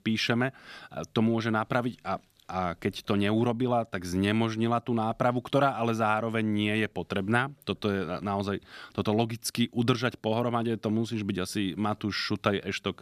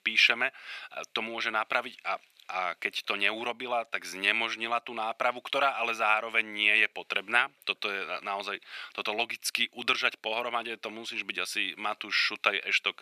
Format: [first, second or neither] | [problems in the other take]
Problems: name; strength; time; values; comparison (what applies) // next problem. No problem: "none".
first | thin; very; fading below 650 Hz